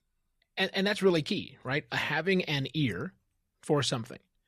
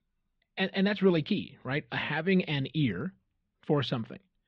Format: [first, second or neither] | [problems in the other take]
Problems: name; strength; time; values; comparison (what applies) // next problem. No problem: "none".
first | muffled; slightly; fading above 3.5 kHz